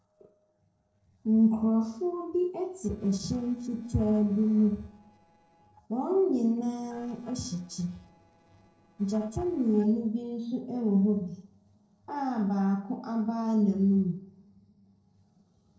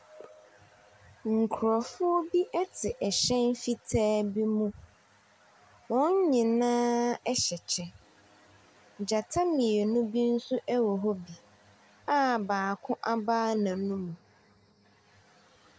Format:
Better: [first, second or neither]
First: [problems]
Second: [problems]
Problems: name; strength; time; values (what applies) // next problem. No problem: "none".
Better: second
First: noise reduction (neural separator model SepFormer DNS4)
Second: none